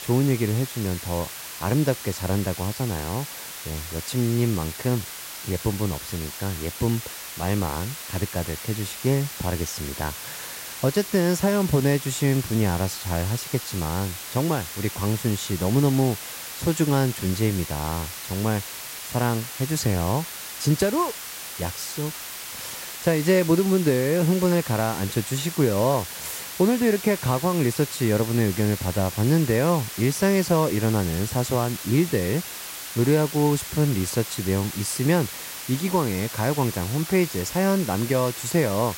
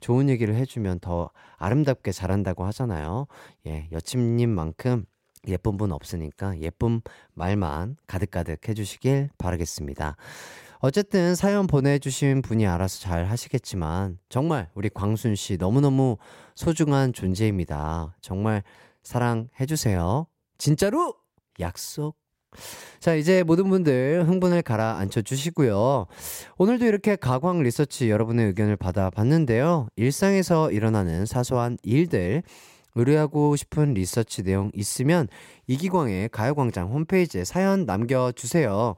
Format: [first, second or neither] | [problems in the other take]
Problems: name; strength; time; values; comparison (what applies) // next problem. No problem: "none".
second | hiss; loud; throughout; 9 dB below the speech